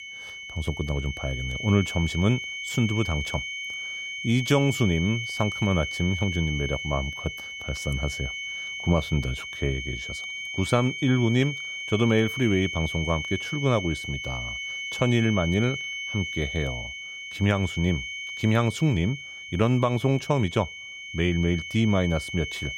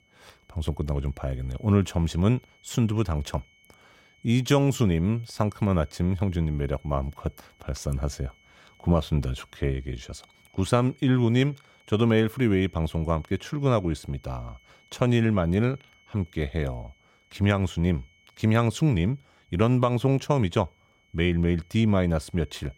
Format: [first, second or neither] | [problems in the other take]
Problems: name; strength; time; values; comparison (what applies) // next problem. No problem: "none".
second | high-pitched whine; loud; throughout; 2 kHz, 6 dB below the speech; faint in the second